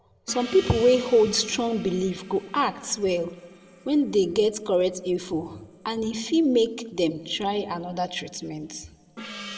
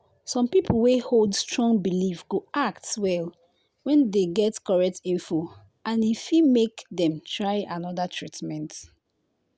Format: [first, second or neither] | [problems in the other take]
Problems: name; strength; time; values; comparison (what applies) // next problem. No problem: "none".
second | background sound (Gong); 19 dB below the speech // room echo; dies away in 1.5 s